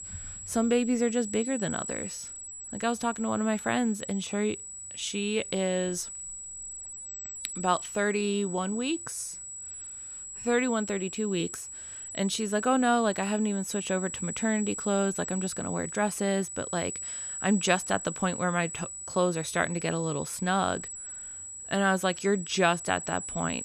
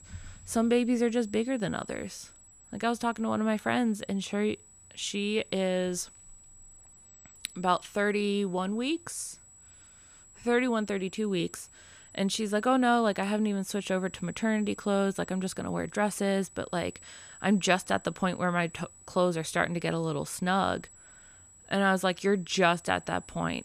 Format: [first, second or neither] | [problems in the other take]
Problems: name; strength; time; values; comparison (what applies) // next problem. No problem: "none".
second | high-pitched whine; loud; throughout; 8 kHz, 8 dB below the speech; faint in the second